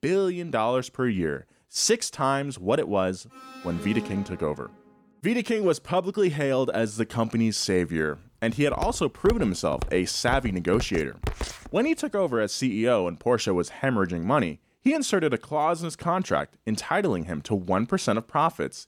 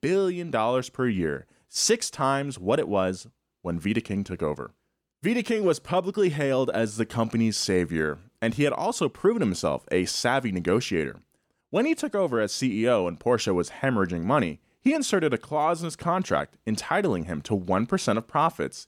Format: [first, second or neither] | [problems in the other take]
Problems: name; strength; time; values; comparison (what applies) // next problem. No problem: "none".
second | alarm; faint; from 3.5 to 4.5 s; peak 10 dB below the speech // footsteps; noticeable; from 8.5 to 12 s; peak 7 dB below the speech